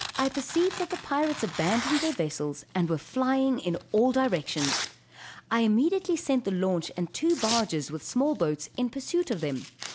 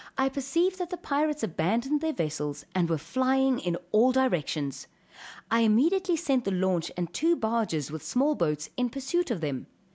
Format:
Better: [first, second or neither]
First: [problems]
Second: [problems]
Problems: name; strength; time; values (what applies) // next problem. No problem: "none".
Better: second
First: background sound (Tearing); 11 dB below the speech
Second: none